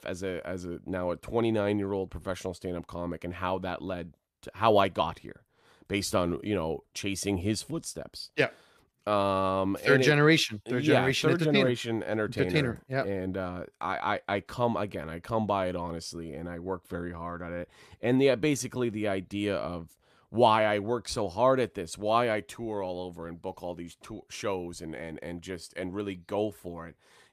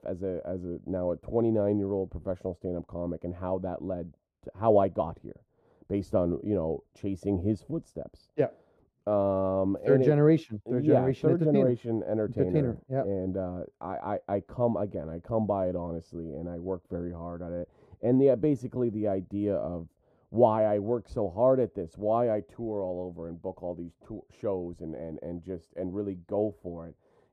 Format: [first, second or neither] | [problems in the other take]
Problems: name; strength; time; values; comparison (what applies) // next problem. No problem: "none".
first | muffled; very; fading above 1 kHz